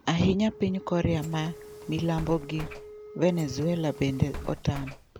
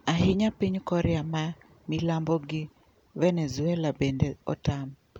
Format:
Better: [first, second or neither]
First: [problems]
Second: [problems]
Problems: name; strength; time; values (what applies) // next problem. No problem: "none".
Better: second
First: background sound (Wind instrument, woodwind instrument + Bus); 14 dB below the speech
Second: none